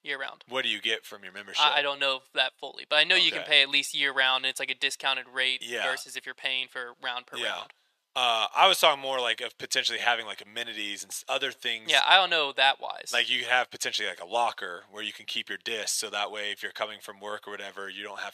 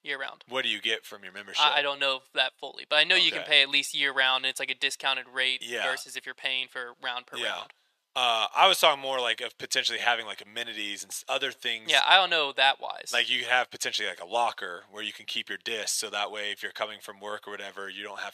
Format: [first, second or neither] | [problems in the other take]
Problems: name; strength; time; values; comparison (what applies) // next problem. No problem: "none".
neither | thin; very; fading below 850 Hz; the same in both